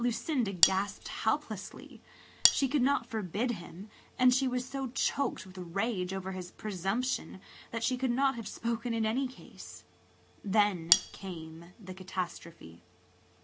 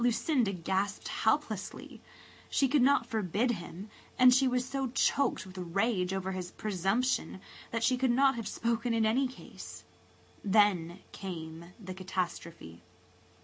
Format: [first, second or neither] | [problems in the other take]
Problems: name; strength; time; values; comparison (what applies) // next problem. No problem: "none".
second | background sound (Cutlery, silverware); 3 dB above the speech